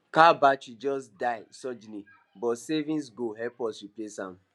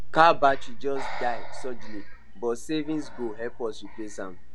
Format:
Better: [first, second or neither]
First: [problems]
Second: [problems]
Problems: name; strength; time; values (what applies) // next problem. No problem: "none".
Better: first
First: none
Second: background sound (Breathing); as loud as the speech